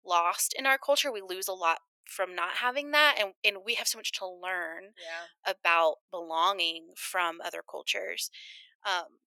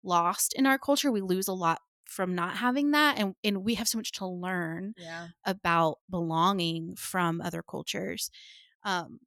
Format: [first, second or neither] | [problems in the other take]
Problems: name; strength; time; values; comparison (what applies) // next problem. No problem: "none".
second | thin; very; fading below 450 Hz